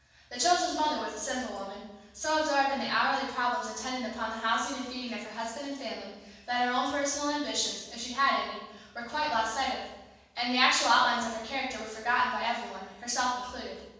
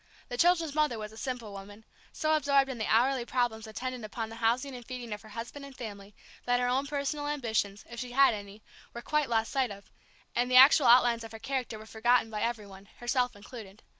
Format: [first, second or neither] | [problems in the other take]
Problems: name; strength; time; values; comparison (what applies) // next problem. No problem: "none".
second | room echo; dies away in 1.2 s